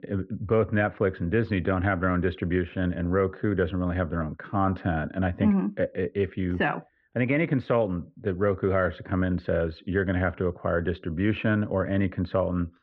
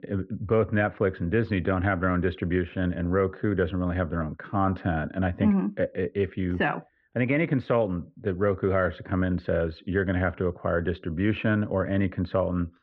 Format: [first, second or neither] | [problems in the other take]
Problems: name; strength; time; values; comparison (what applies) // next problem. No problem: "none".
neither | muffled; very; fading above 2.5 kHz; the same in both